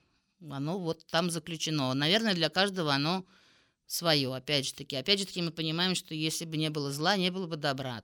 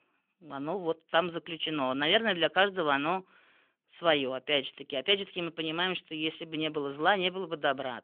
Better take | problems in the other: first | phone-call audio; nothing above 3.5 kHz

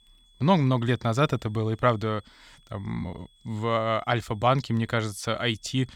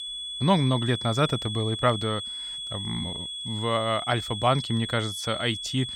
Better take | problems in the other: first | high-pitched whine; loud; throughout; 3.5 kHz, 6 dB below the speech; faint in the first

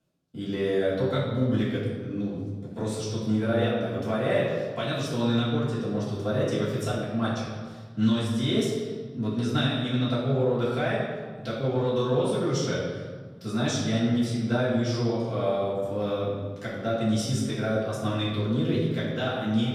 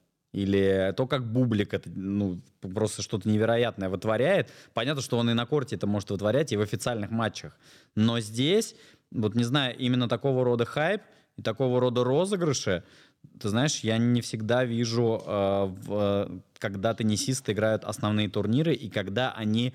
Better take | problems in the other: second | room echo; noticeable; dies away in 1.3 s // off-mic speech; far

